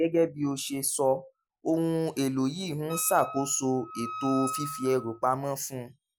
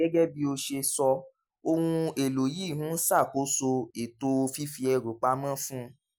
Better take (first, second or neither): second